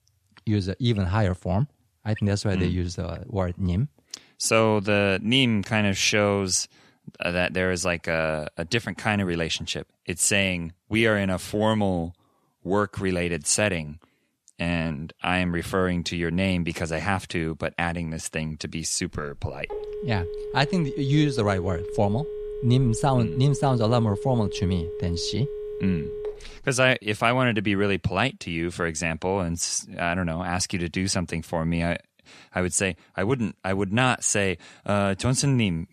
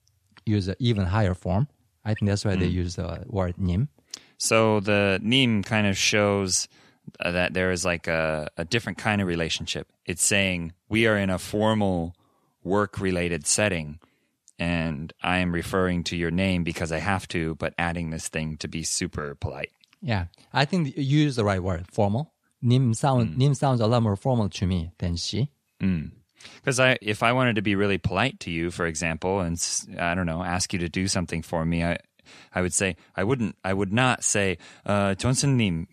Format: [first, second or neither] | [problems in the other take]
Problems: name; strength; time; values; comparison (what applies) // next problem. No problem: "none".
second | phone ringing; noticeable; from 19 to 27 s; peak 8 dB below the speech